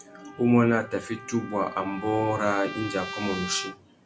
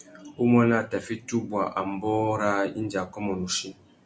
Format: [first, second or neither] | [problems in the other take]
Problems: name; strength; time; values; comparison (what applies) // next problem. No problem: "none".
second | background sound (Trumpet); 13 dB below the speech